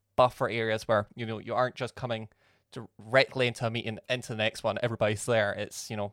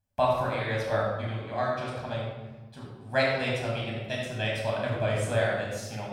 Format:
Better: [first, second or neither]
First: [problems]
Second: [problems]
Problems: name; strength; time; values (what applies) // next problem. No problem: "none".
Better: first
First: none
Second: off-mic speech; far // room echo; noticeable; dies away in 1.2 s